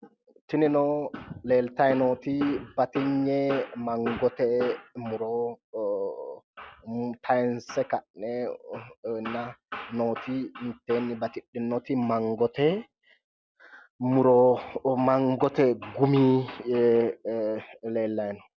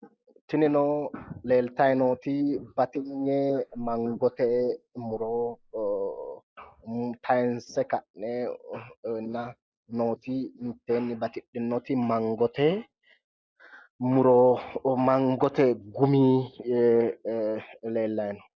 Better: first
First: none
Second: noise reduction (neural mask model Resemble Enhance denoiser)

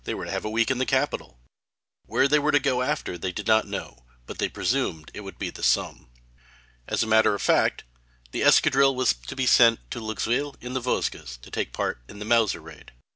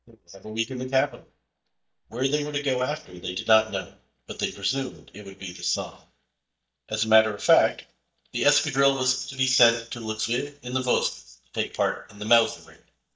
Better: first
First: none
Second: noise reduction (neural mask model DeepFilterNet 3)

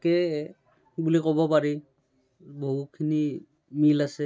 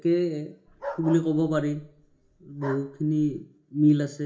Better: first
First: none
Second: background sound (Bark); 15 dB below the speech // room echo; dies away in 0.4 s

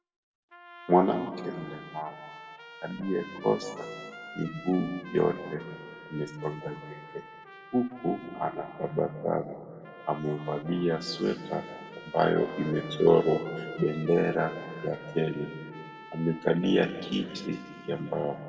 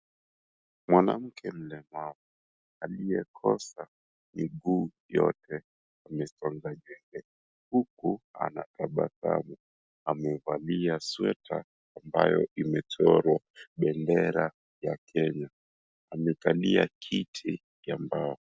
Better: second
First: background sound (Trumpet); 17 dB below the speech // room echo; dies away in 1.7 s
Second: none

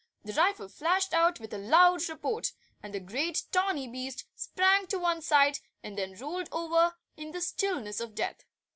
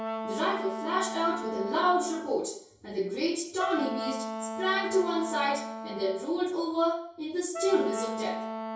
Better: first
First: none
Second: background sound (Wind instrument, woodwind instrument); 7 dB below the speech // room echo; dies away in 0.6 s

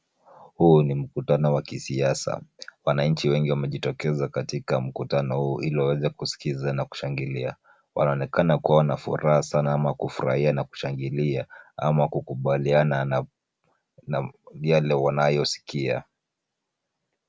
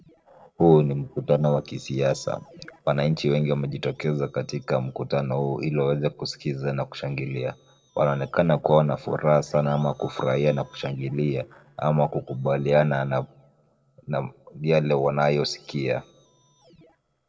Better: first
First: none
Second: noise reduction (neural separator model SepFormer DNS4)

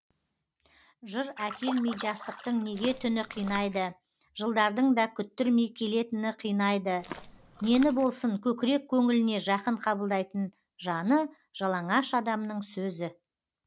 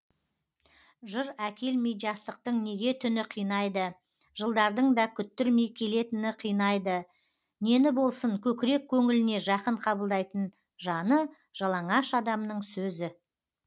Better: second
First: background sound (Splash, splatter + Walk, footsteps); 14 dB below the speech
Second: none

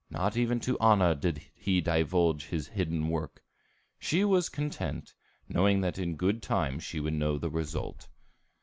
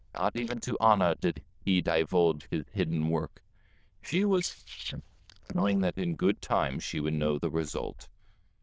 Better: first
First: none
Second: noise reduction (neural diffusion model UNIVERSE++)

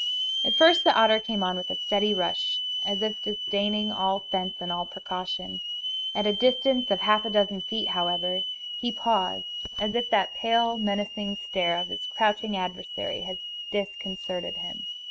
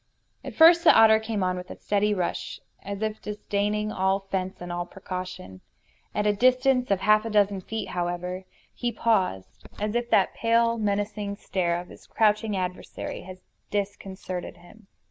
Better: second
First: noise reduction (neural mask model RNNoise)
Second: none

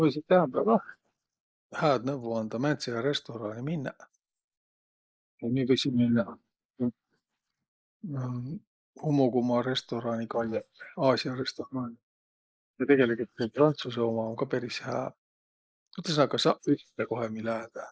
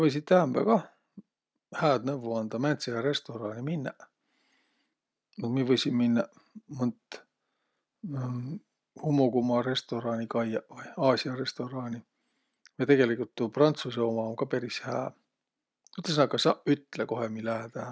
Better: second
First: noise reduction (neural mask model Resemble Enhance denoiser)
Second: none

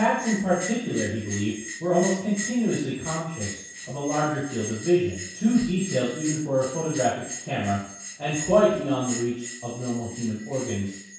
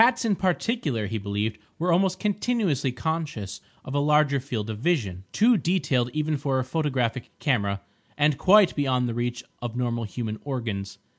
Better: second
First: background sound (Bell); 12 dB below the speech // room echo; dies away in 0.7 s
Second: none

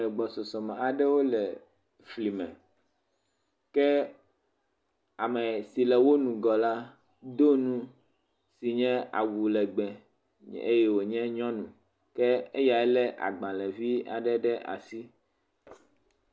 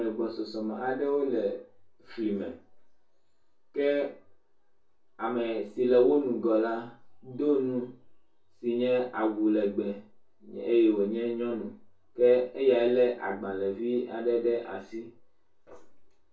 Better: first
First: none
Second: room echo; dies away in 0.2 s

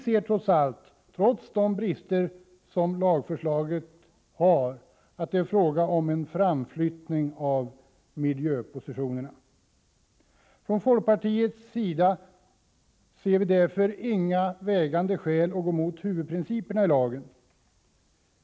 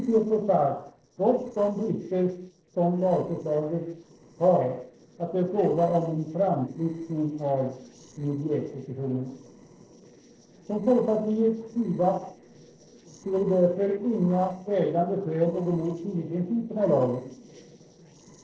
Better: first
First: none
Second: noise reduction (neural separator model SepFormer DNS4)

